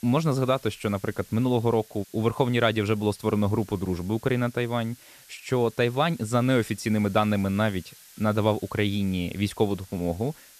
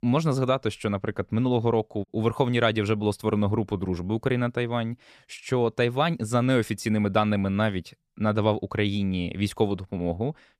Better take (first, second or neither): second